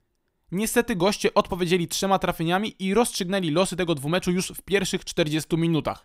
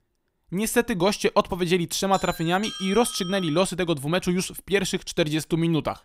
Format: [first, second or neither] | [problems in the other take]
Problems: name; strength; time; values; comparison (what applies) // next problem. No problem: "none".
first | doorbell; noticeable; from 2 to 3.5 s; peak 9 dB below the speech